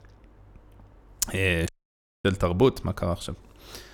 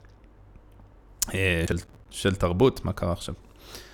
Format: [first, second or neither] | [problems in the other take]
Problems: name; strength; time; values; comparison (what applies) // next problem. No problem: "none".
second | audio cutting out; at 1.5 s for 0.5 s